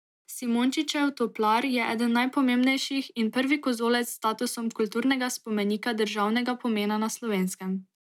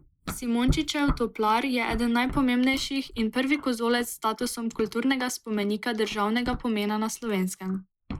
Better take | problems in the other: first | noise reduction (neural mask model Resemble Enhance denoiser)

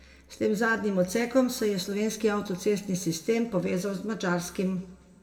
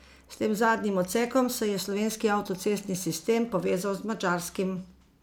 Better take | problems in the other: second | room echo; dies away in 1 s

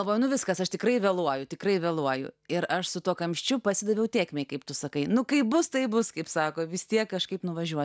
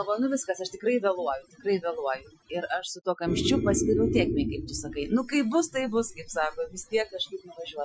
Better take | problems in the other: first | noise reduction (classical method Wiener filter)

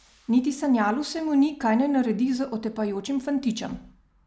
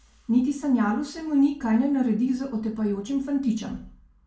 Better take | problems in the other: first | room echo; dies away in 0.3 s

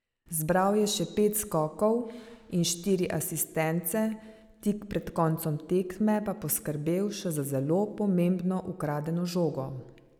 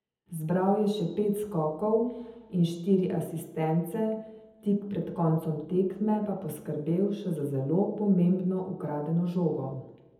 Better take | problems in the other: first | room echo; dies away in 0.7 s

